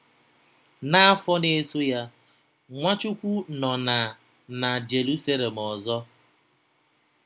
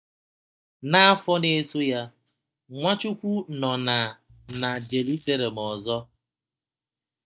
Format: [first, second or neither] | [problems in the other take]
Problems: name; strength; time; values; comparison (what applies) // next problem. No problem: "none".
first | noise reduction (neural mask model DeepFilterNet 3)